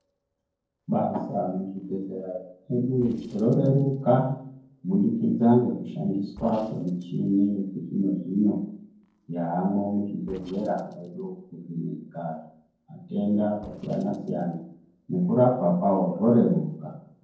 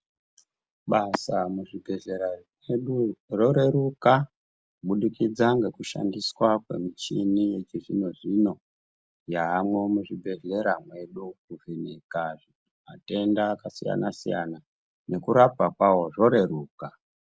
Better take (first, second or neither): second